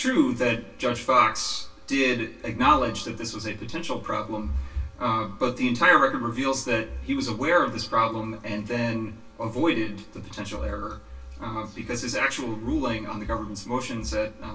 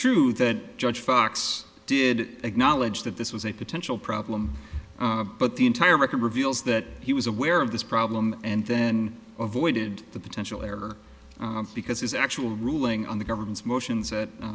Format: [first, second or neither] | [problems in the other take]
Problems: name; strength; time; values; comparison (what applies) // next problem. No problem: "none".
second | room echo; dies away in 0.1 s